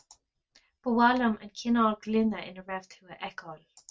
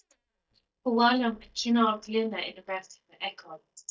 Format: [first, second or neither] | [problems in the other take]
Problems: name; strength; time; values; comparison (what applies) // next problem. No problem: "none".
first | noise reduction (neural mask model DeepFilterNet 3)